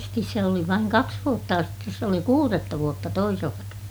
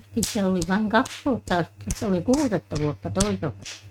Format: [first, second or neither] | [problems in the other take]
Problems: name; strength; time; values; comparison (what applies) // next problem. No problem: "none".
first | noise reduction (neural mask model RNNoise)